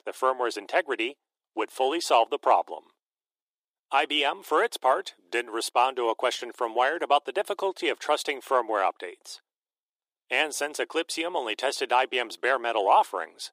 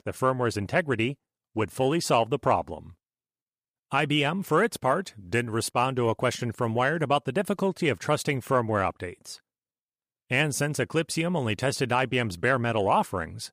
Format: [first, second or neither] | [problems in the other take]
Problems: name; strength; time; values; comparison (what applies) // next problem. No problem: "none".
second | thin; very; fading below 350 Hz